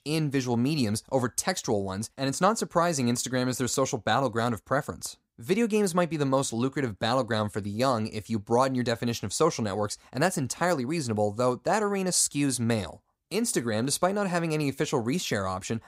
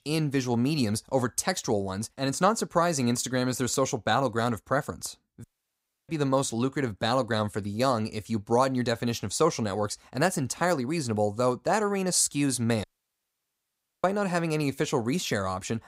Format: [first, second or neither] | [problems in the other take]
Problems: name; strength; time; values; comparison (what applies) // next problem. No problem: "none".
first | audio cutting out; at 5.5 s for 0.5 s and at 13 s for 1 s